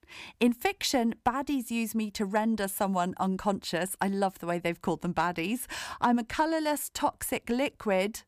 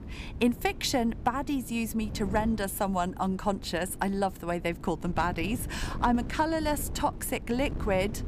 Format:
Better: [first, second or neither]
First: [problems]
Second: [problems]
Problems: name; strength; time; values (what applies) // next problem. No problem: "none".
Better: first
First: none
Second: wind noise on the microphone; occasional gusts; 20 dB below the speech